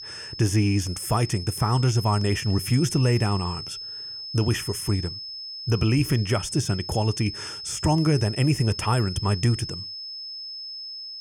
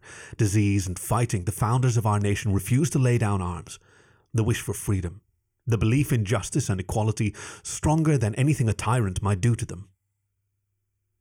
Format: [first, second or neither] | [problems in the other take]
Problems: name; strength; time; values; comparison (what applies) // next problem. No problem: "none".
second | high-pitched whine; loud; throughout; 5 kHz, 9 dB below the speech